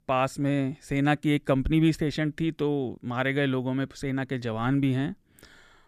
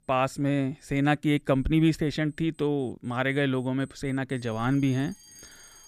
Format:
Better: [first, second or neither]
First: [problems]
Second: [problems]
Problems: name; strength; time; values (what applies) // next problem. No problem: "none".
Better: first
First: none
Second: alarms or sirens; faint; throughout; 25 dB below the speech